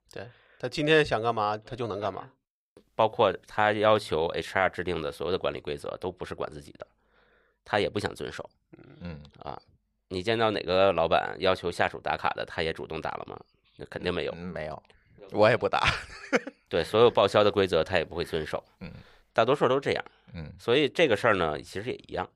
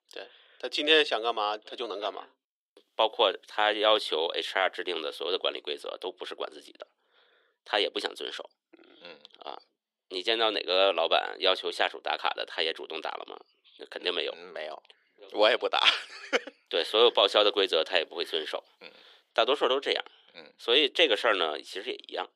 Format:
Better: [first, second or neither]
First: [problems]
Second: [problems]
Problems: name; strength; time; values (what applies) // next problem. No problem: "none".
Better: first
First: none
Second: thin; somewhat; fading below 300 Hz